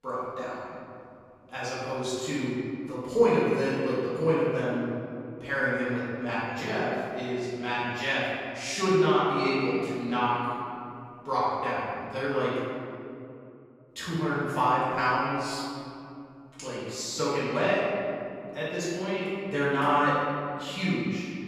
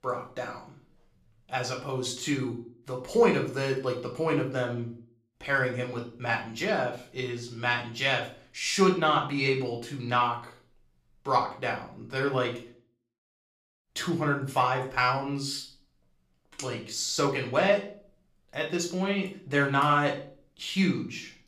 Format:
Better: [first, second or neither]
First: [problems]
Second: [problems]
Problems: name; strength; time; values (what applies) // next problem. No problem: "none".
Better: second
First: room echo; strong; dies away in 2.5 s // off-mic speech; far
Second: room echo; slight; dies away in 0.4 s // off-mic speech; somewhat distant